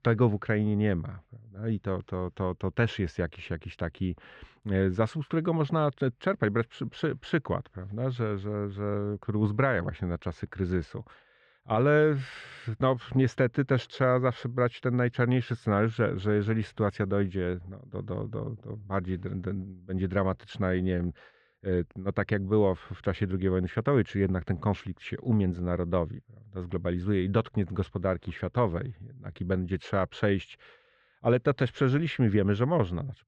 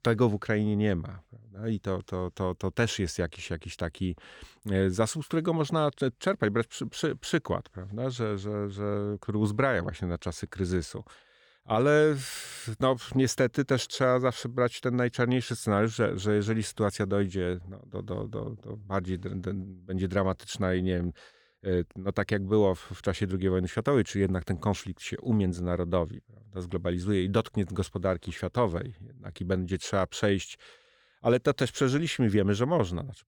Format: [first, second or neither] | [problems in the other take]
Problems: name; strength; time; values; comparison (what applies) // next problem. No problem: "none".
second | muffled; slightly; fading above 2.5 kHz